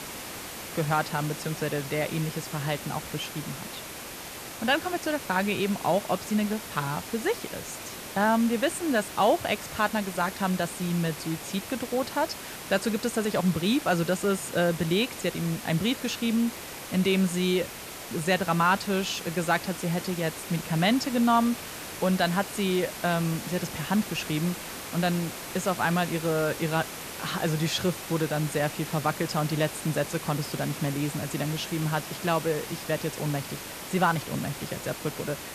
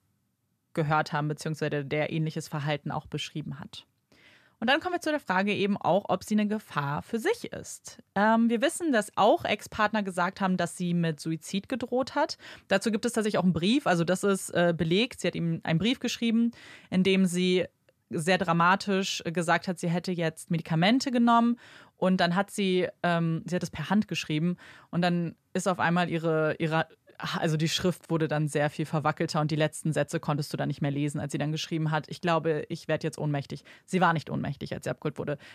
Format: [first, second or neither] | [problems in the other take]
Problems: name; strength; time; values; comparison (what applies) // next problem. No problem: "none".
second | hiss; loud; throughout; 9 dB below the speech